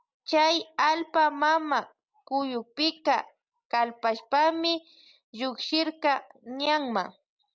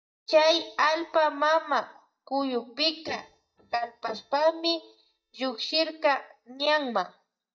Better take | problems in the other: first | noise reduction (neural mask model DeepFilterNet 3)

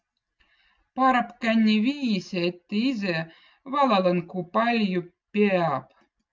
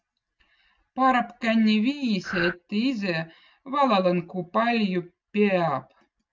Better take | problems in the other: first | background sound (Breathing); 4 dB below the speech

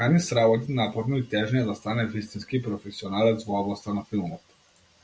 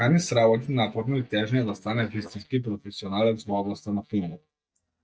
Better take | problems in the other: first | noise reduction (neural mask model DeepFilterNet 3)

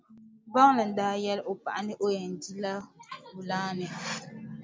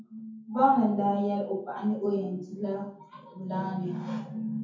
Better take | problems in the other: first | room echo; dies away in 0.6 s

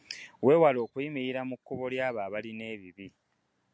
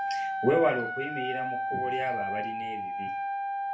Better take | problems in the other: first | background sound (Wind instrument, woodwind instrument); as loud as the speech // room echo; dies away in 0.4 s

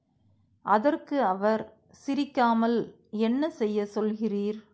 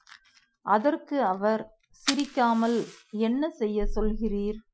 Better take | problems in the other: first | noise reduction (classical method Wiener filter)

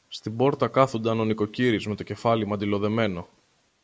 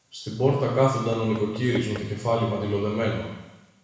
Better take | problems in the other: first | background sound (Knock / Wood); 20 dB below the speech // room echo; dies away in 1.1 s

